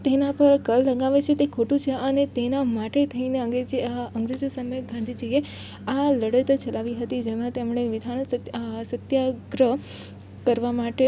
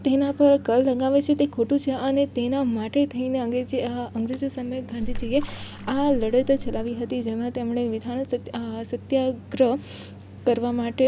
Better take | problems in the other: first | background sound (Splash, splatter); 7 dB below the speech

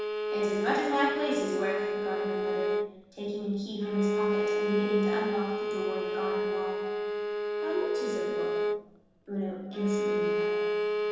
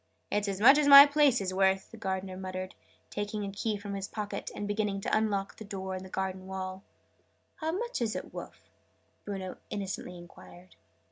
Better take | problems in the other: second | background sound (Bowed string instrument); 3 dB above the speech // room echo; dies away in 1.3 s

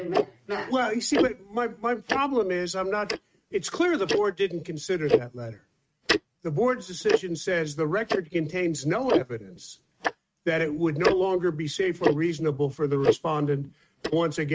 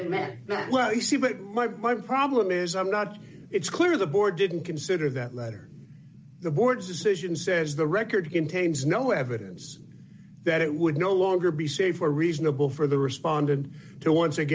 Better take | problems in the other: second | noise reduction (neural mask model RNNoise)

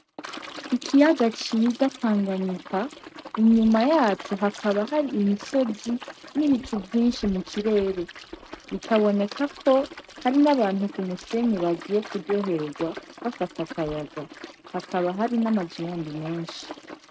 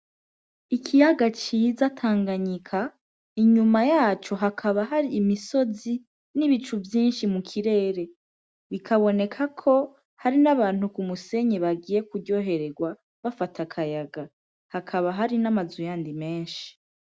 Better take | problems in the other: second | noise reduction (neural mask model RNNoise)

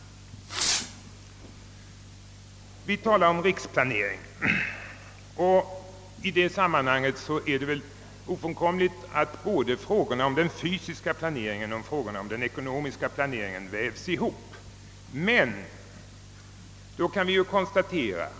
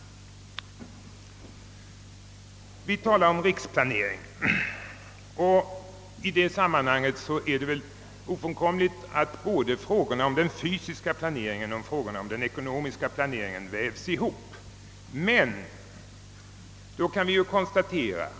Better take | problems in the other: second | background sound (Fireworks); 4 dB below the speech

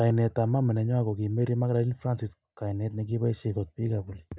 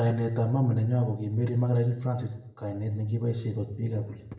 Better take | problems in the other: first | room echo; dies away in 0.7 s

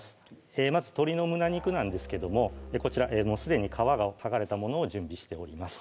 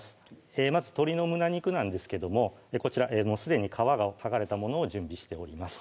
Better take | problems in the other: second | background sound (Musical instrument); 15 dB below the speech

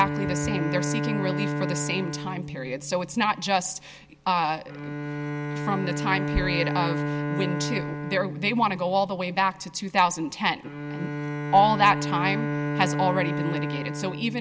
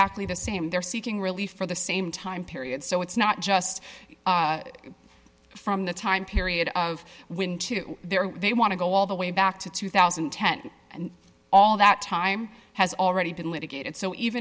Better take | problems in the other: second | background sound (Bowed string instrument); 3 dB below the speech

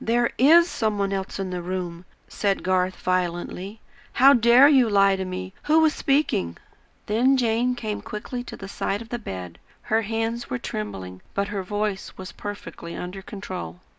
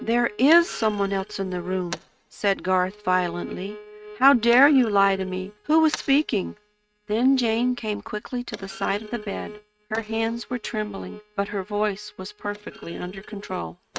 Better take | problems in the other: first | noise reduction (neural mask model RNNoise)

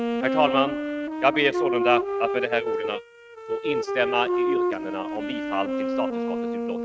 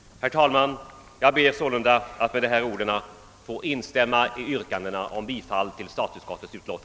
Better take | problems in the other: second | noise reduction (neural mask model RNNoise)

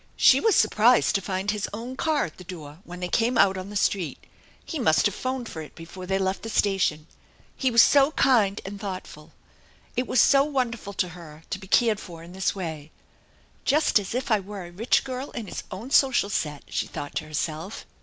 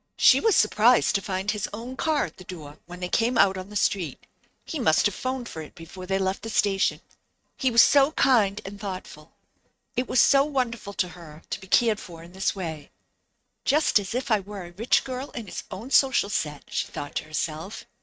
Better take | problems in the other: first | noise reduction (neural mask model RNNoise)

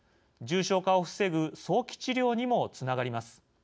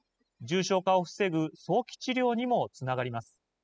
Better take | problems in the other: first | noise reduction (classical method spectral subtraction)

